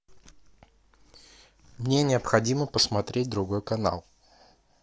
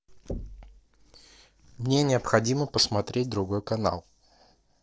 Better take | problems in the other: first | noise reduction (neural separator model SepFormer DNS4)

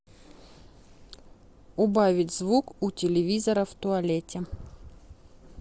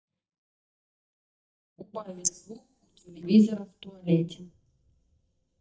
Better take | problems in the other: first | noise reduction (neural mask model DeepFilterNet 3)

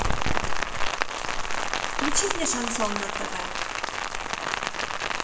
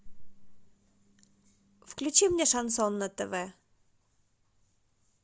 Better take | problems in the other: second | background sound (Rain); 3 dB above the speech // room echo; dies away in 0.7 s

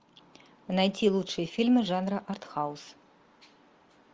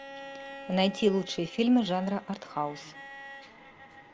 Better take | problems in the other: first | background sound (Bowed string instrument); 16 dB below the speech

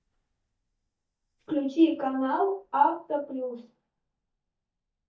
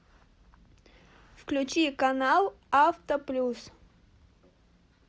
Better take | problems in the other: second | noise reduction (neural mask model DeepFilterNet 3)

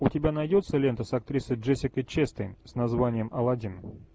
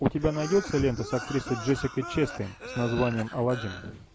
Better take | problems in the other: first | background sound (Cough); 11 dB below the speech

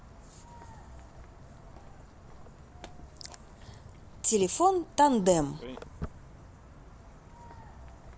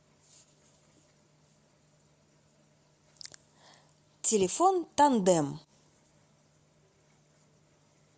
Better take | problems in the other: second | background sound (Walk, footsteps); 14 dB below the speech

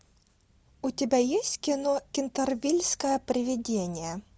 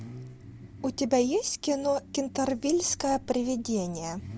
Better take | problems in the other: first | background sound (Idling / Accelerating, revving, vroom / Car); 17 dB below the speech

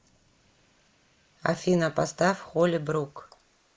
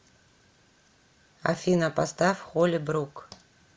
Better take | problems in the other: second | noise reduction (neural mask model Resemble Enhance denoiser)

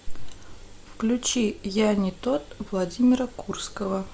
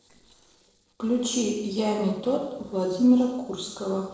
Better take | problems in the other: first | noise reduction (neural separator model SepFormer DNS4)

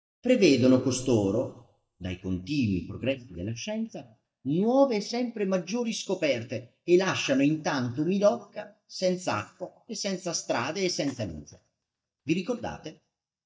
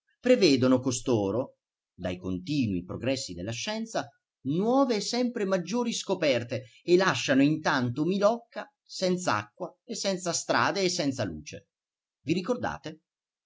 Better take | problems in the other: second | noise reduction (neural mask model DeepFilterNet 3)

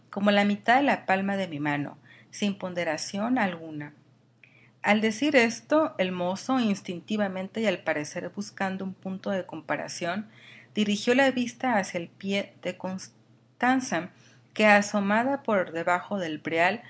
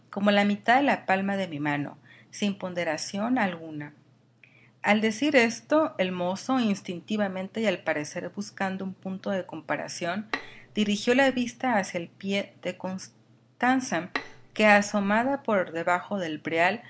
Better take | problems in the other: first | background sound (Bowed string instrument); 13 dB below the speech

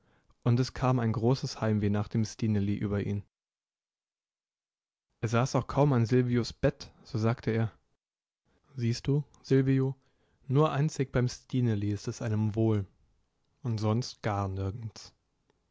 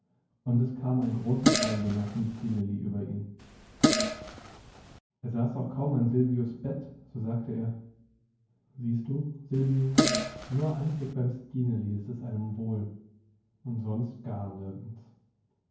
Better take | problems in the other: first | background sound (Fart); 1 dB above the speech // room echo; dies away in 0.9 s

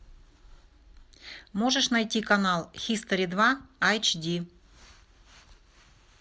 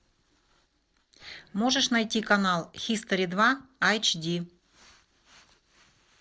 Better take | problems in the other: first | noise reduction (neural separator model SepFormer DNS4)

